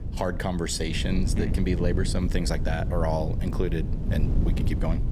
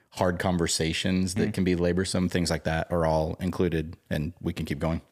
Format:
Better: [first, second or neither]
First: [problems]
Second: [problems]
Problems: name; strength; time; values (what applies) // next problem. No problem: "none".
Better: second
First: wind noise on the microphone; heavy; 9 dB below the speech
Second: none